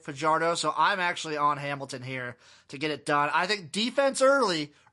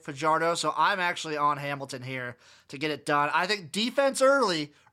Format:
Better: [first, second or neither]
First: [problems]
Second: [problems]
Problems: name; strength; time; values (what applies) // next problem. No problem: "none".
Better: second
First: garbled, watery; slightly; nothing above 9 kHz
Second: none